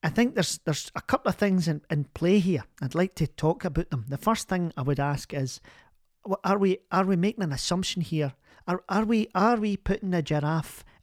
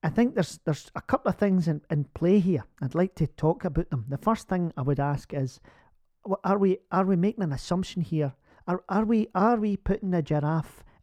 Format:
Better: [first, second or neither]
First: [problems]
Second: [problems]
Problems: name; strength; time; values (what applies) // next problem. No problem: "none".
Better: first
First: none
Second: muffled; slightly; fading above 1.5 kHz